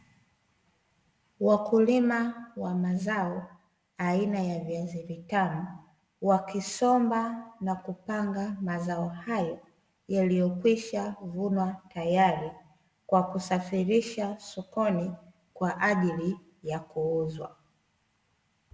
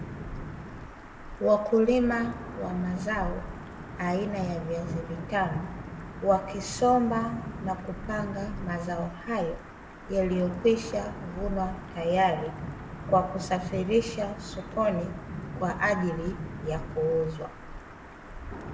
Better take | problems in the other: first | background sound (Thunder / Wind / Rain); 9 dB below the speech // room echo; dies away in 0.9 s

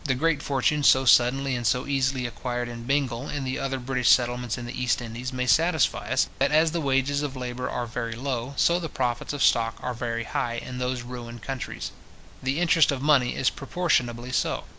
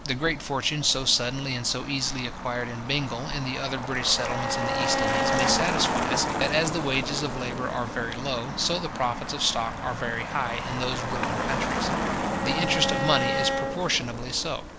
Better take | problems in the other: first | background sound (Bowed string instrument + Motor vehicle (road)); 2 dB below the speech

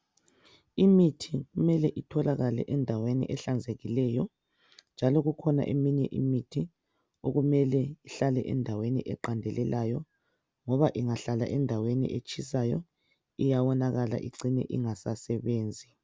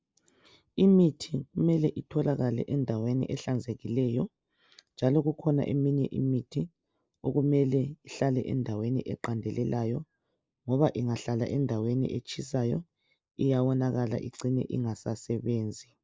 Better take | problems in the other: first | noise reduction (neural mask model Resemble Enhance denoiser)

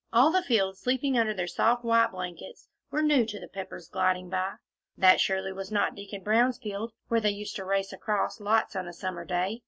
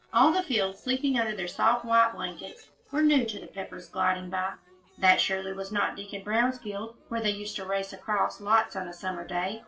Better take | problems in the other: first | noise reduction (neural separator model SepFormer DNS4)

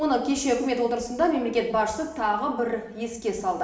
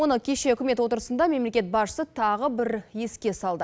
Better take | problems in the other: second | room echo; dies away in 0.8 s

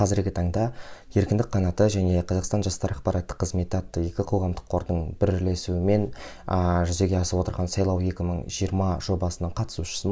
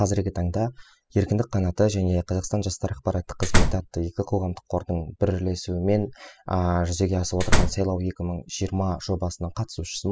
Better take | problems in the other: first | noise reduction (classical method spectral subtraction)

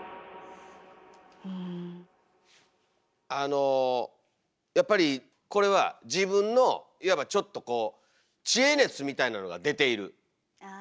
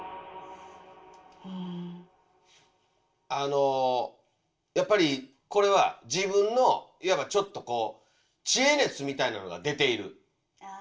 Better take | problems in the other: first | room echo; dies away in 0.3 s

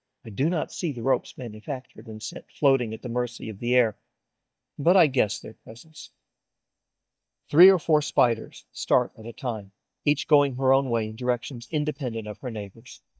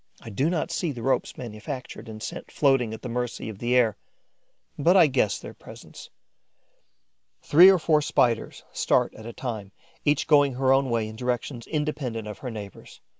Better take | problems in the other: second | noise reduction (neural mask model DeepFilterNet 3)

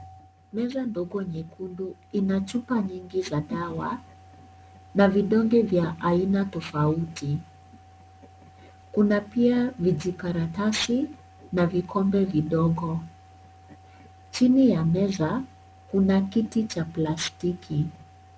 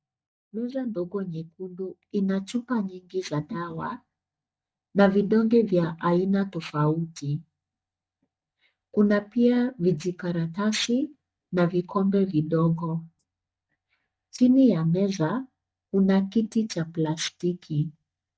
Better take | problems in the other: first | noise reduction (neural mask model DeepFilterNet 3)

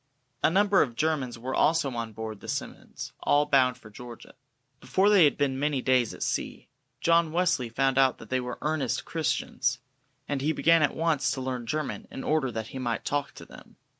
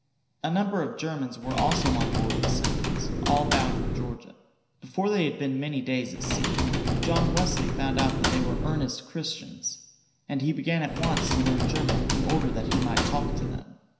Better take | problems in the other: first | background sound (Typing); 2 dB above the speech // room echo; dies away in 0.9 s

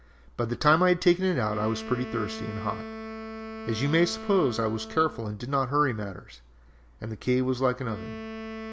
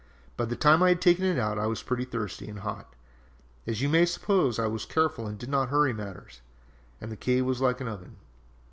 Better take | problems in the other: second | background sound (Wind instrument, woodwind instrument); 13 dB below the speech

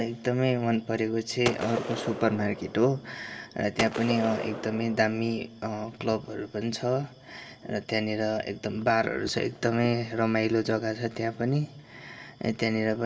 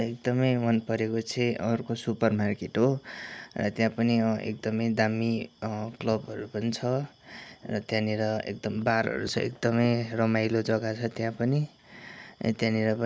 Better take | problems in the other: second | background sound (Gunshot, gunfire); 8 dB below the speech // room echo; dies away in 0.4 s

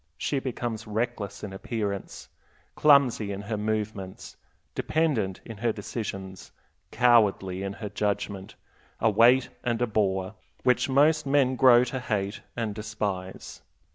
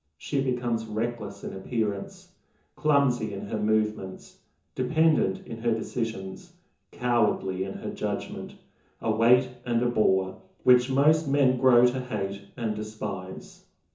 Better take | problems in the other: first | room echo; dies away in 0.6 s

